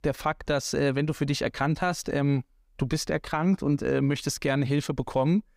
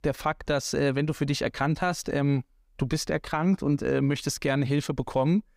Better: neither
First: none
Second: none

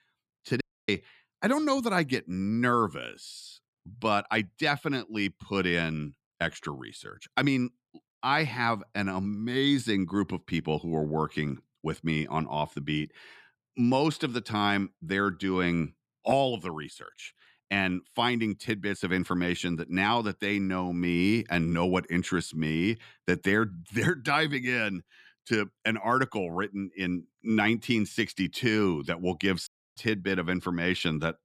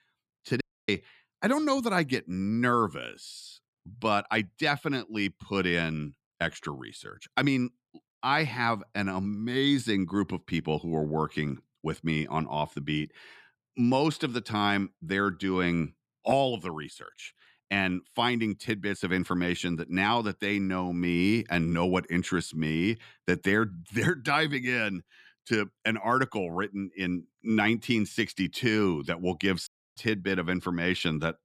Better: neither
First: audio cutting out; at 0.5 s and at 30 s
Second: audio cutting out; at 0.5 s and at 30 s

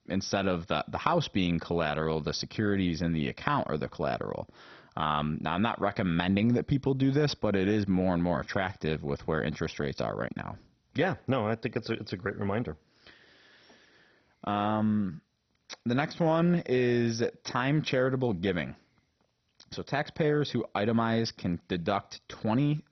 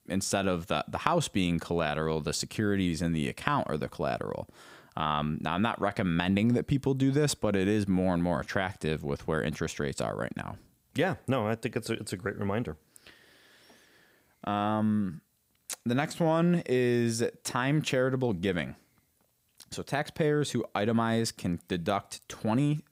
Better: second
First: garbled, watery; badly; nothing above 6 kHz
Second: none

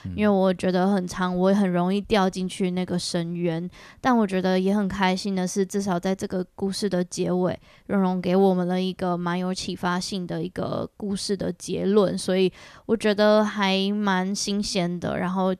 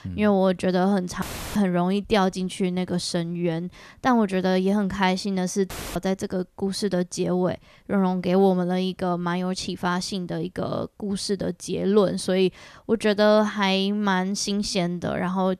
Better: first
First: none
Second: audio cutting out; filled with static; at 1 s and at 5.5 s

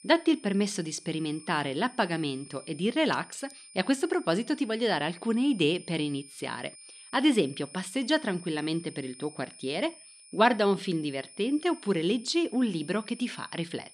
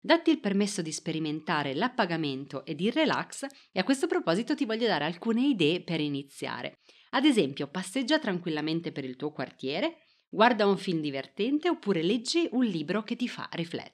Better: second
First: high-pitched whine; noticeable; throughout; 9.5 kHz, 20 dB below the speech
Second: none

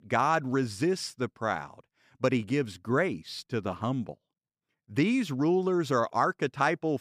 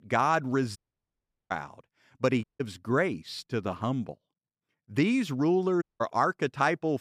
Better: first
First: none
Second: audio cutting out; at 1 s for 0.5 s, at 2.5 s and at 6 s

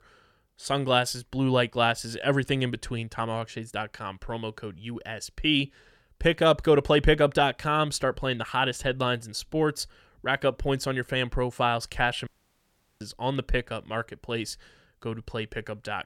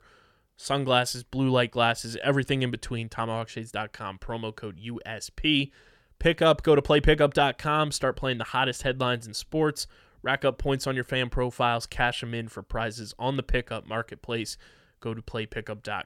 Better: second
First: audio cutting out; at 12 s for 0.5 s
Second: none

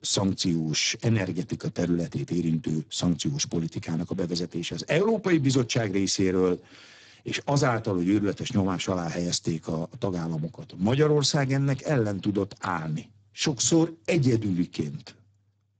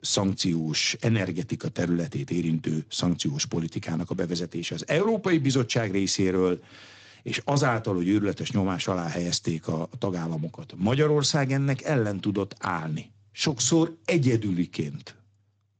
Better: second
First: garbled, watery; badly; nothing above 7.5 kHz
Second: garbled, watery; slightly; nothing above 7.5 kHz

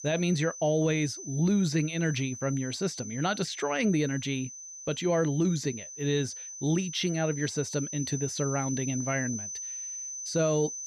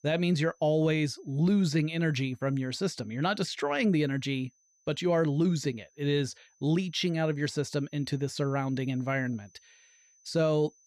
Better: second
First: high-pitched whine; loud; throughout; 6 kHz, 8 dB below the speech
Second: high-pitched whine; faint; throughout; 6 kHz, 35 dB below the speech

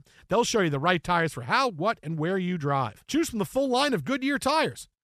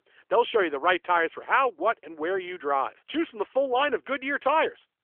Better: first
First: none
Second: phone-call audio; nothing above 3.5 kHz

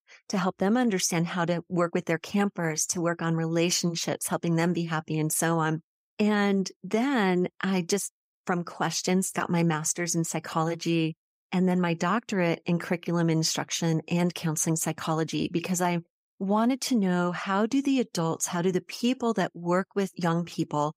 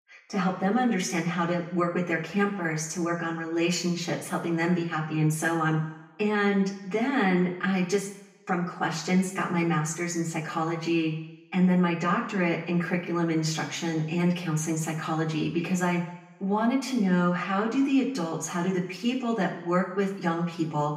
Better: first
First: none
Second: room echo; slight; dies away in 0.9 s // off-mic speech; far

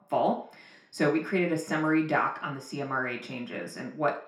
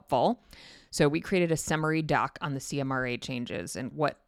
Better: second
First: room echo; slight; dies away in 0.4 s // off-mic speech; far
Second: none

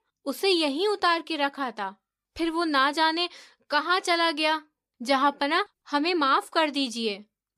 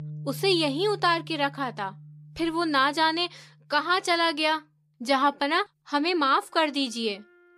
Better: first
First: none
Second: background music; noticeable; throughout; 20 dB below the speech

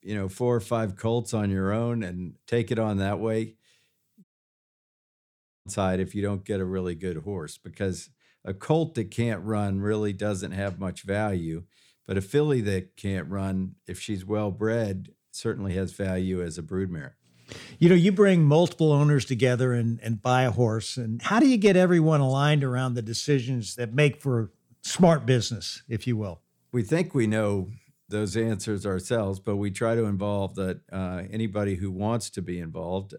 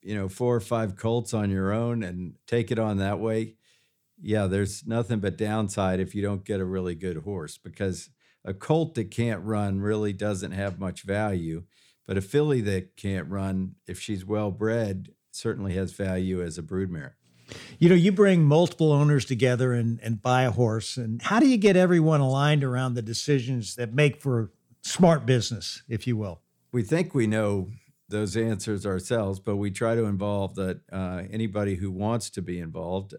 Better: second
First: audio cutting out; at 4 s for 1.5 s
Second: none

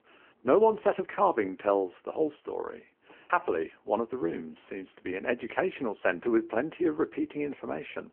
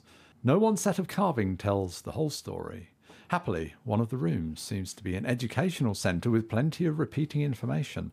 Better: second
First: phone-call audio; poor line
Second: none

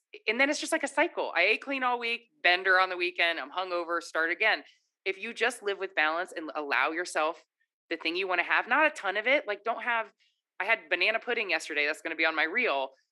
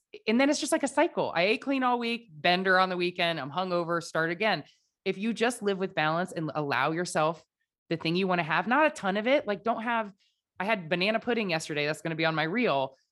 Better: second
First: thin; somewhat; fading below 300 Hz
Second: none

